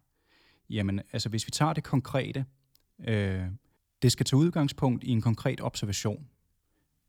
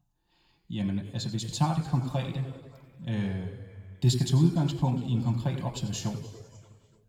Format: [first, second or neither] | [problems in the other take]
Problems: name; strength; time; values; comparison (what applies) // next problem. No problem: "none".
first | room echo; noticeable; dies away in 1.8 s // off-mic speech; somewhat distant